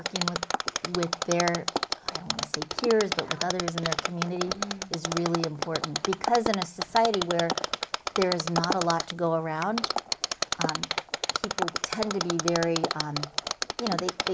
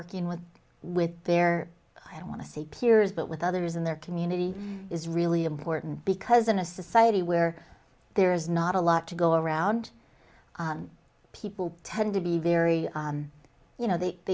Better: second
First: background sound (Mechanisms); 1 dB below the speech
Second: none

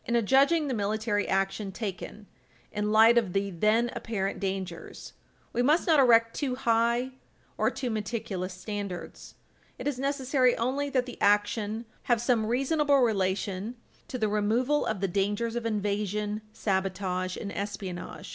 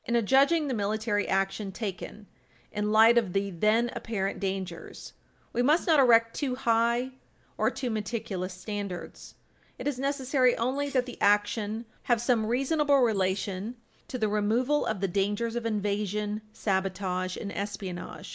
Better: first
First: none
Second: noise reduction (neural mask model Resemble Enhance denoiser)

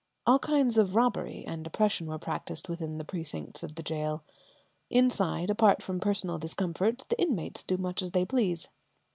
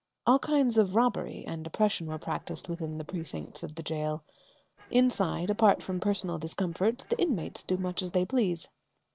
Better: first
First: none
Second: noise reduction (neural separator model SepFormer DNS4)

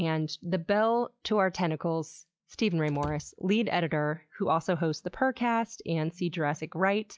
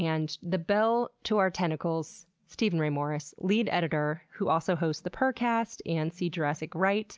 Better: second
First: noise reduction (classical method log-MMSE)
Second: none

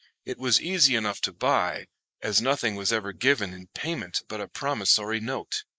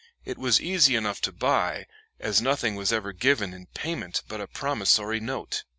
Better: second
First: noise reduction (neural mask model Resemble Enhance denoiser)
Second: none

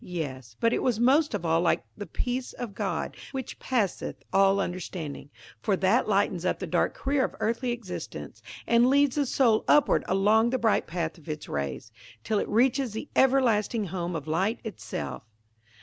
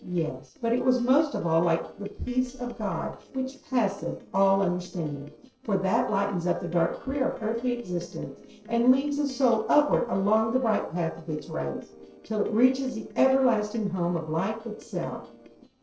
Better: first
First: none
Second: noise reduction (neural separator model SepFormer DNS4)

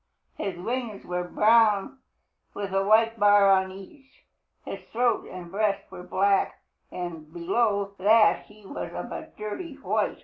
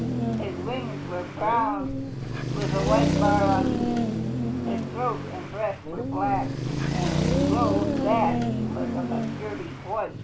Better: first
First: none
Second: background sound (Dog + Traffic noise, roadway noise); 3 dB above the speech

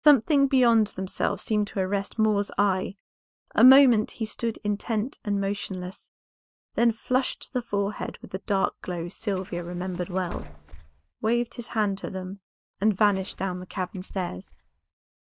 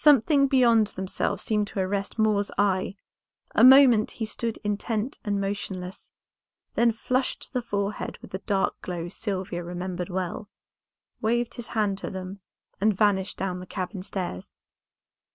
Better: second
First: noise reduction (neural mask model DeepFilterNet 3)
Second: none

